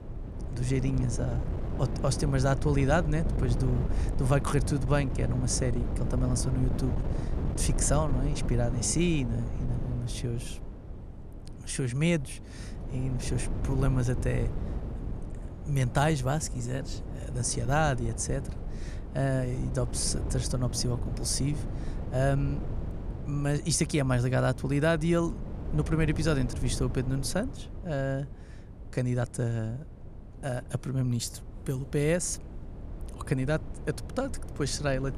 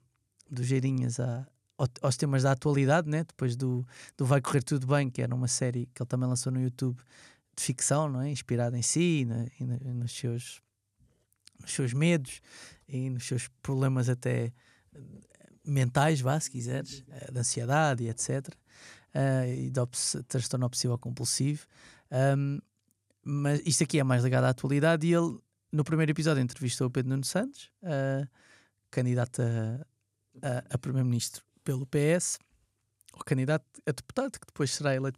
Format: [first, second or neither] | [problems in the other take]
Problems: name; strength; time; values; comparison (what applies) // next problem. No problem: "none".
second | wind noise on the microphone; occasional gusts; 10 dB below the speech